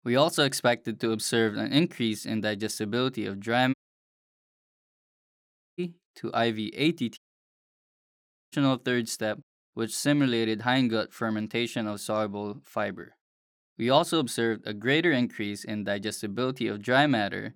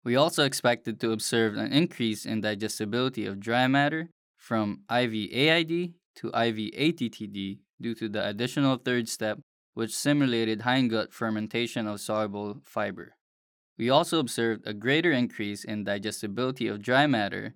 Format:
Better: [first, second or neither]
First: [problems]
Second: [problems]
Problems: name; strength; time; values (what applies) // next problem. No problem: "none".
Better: second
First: audio cutting out; at 3.5 s for 2 s and at 7 s for 1.5 s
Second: none